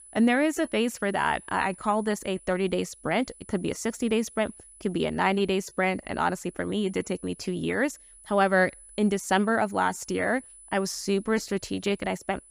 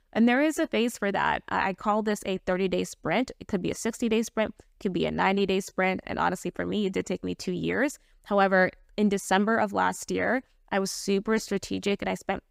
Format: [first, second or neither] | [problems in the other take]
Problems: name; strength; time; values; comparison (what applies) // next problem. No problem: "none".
second | high-pitched whine; faint; throughout; 10 kHz, 20 dB below the speech